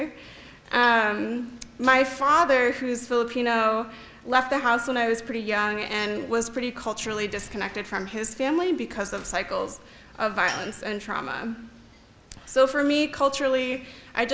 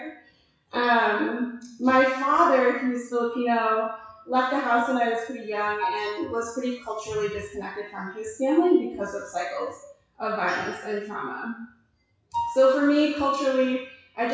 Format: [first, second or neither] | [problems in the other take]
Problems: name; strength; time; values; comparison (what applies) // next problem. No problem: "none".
first | noise reduction (classical method WPE with log-MMSE)